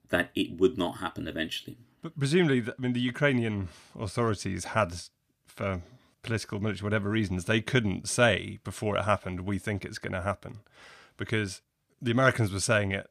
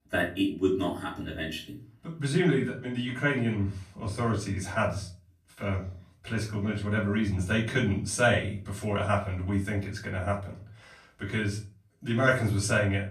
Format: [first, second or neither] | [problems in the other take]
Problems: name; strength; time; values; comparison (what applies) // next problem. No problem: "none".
first | off-mic speech; far // room echo; slight; dies away in 0.4 s